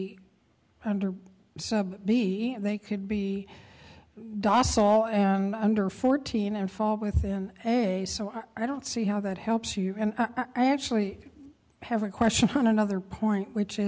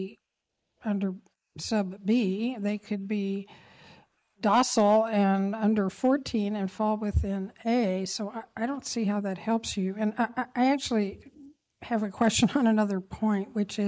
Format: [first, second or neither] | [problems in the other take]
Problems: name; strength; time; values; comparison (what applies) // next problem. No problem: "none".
first | noise reduction (neural mask model Resemble Enhance denoiser)